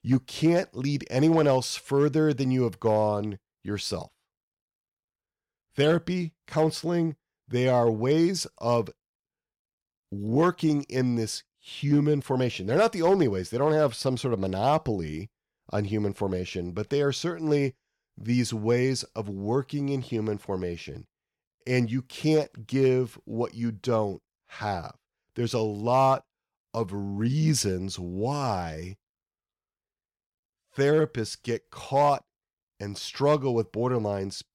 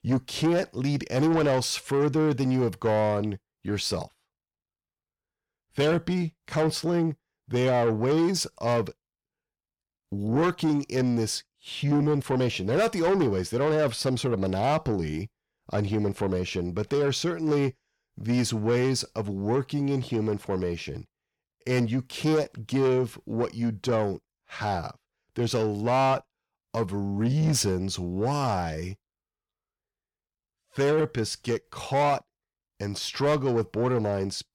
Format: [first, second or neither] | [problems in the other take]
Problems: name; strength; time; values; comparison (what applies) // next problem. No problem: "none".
first | distortion; slight; 10 dB below the speech